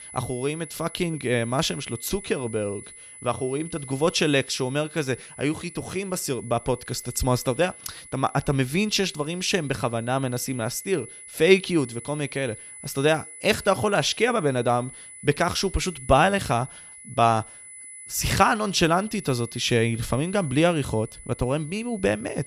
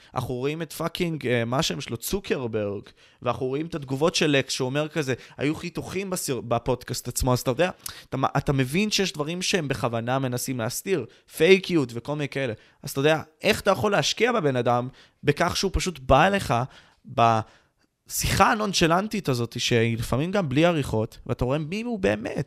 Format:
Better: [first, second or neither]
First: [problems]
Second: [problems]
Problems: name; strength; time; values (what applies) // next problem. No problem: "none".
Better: second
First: high-pitched whine; noticeable; throughout; 10 kHz, 15 dB below the speech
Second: none